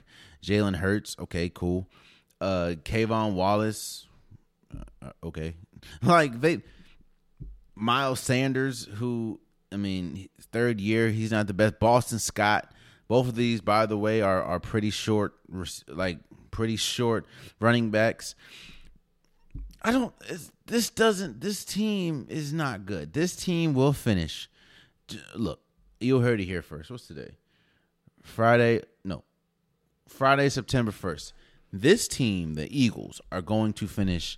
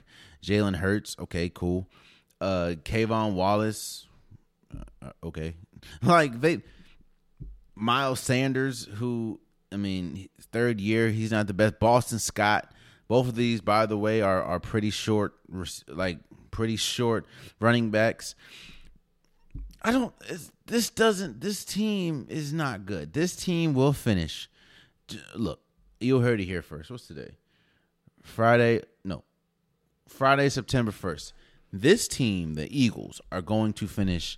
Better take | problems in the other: neither | none

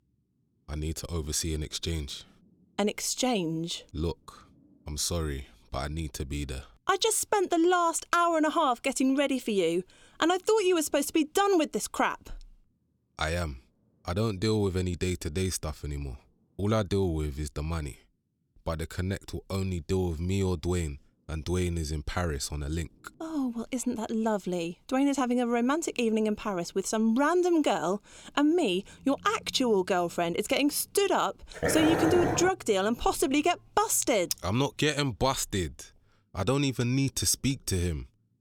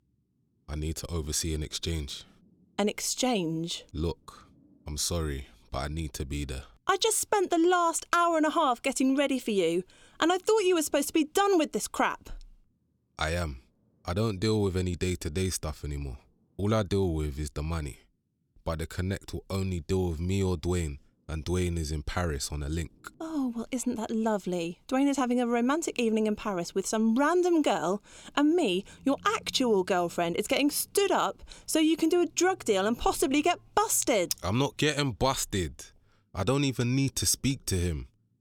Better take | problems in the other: second | dog barking; loud; at 32 s; peak 1 dB above the speech

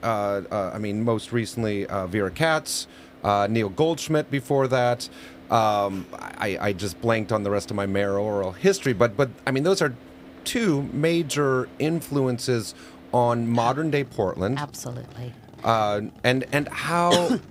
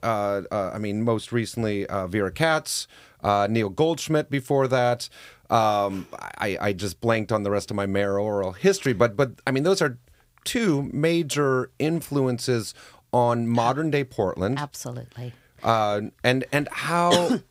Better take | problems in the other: second | traffic noise; faint; throughout; 20 dB below the speech

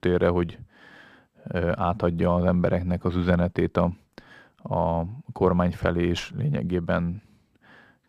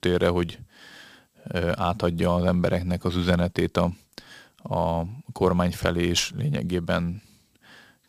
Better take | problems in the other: second | muffled; slightly; fading above 3 kHz

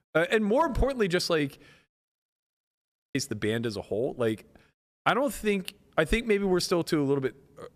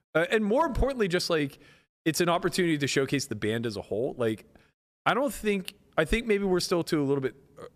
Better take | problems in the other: second | audio freezing; at 2 s for 1 s

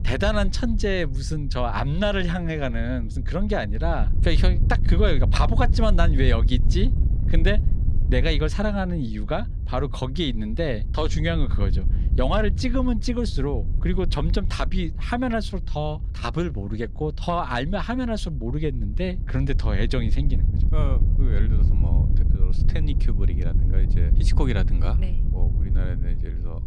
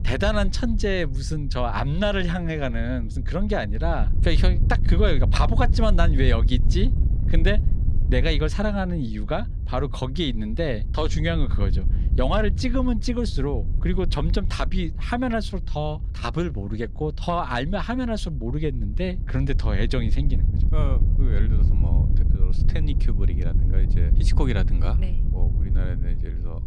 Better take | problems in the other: neither | wind noise on the microphone; occasional gusts; 15 dB below the speech; the same in both

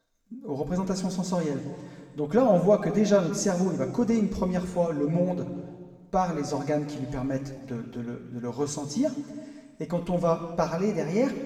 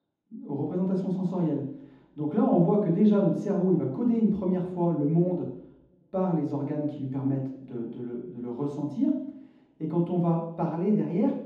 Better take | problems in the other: first | room echo; strong; dies away in 0.9 s; slight in the first // off-mic speech; far; somewhat distant in the first

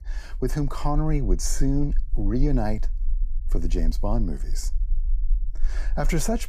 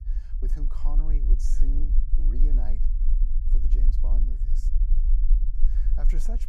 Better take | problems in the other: first | low rumble; loud; throughout; 3 dB below the speech; faint in the first

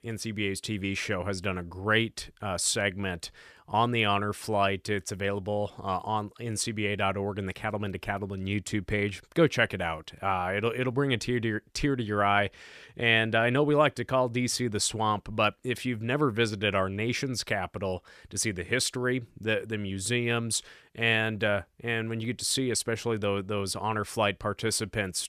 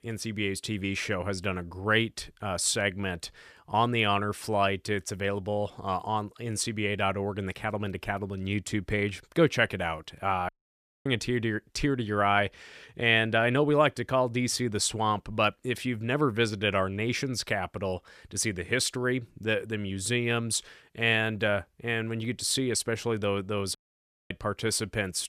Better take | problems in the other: first | audio cutting out; at 10 s for 0.5 s and at 24 s for 0.5 s

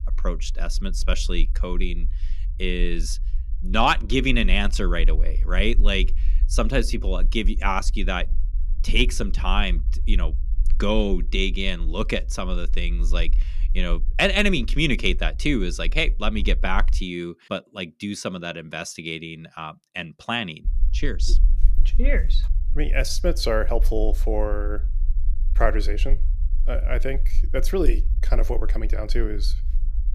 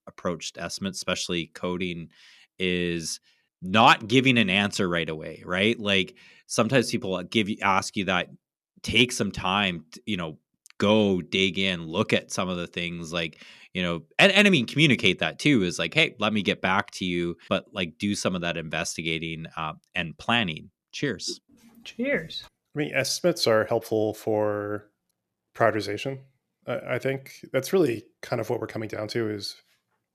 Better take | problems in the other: second | low rumble; faint; until 17 s and from 21 s on; 25 dB below the speech

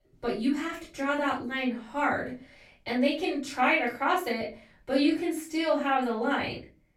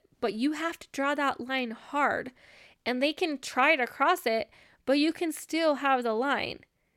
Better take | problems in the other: second | off-mic speech; far // room echo; slight; dies away in 0.3 s

